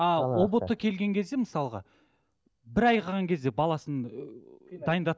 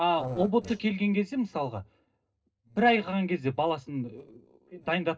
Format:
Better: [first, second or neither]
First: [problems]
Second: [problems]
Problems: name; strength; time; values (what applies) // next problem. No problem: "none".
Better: first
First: none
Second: noise reduction (neural separator model SepFormer DNS4)